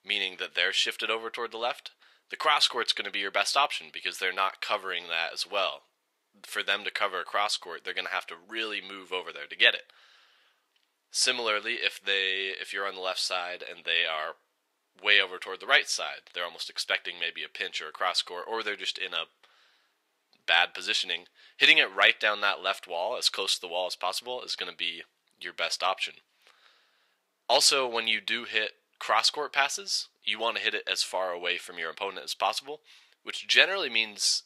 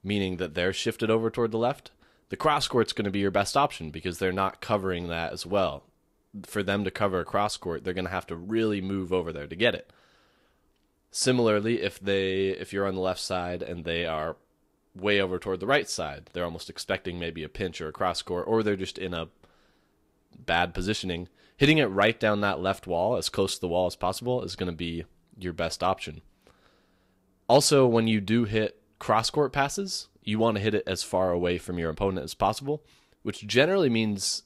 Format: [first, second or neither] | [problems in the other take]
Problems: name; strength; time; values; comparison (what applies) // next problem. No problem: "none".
second | thin; very; fading below 700 Hz